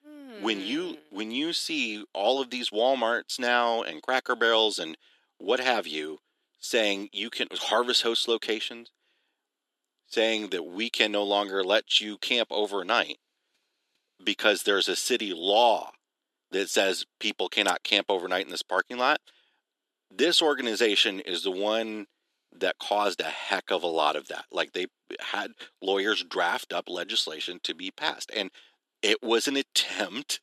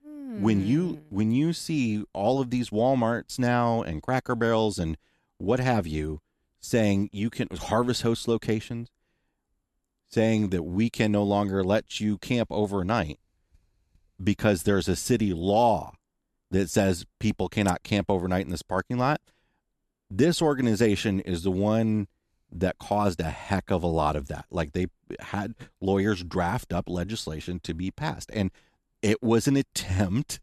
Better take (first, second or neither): second